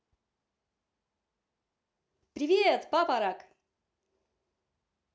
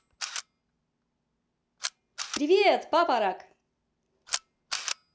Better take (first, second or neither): first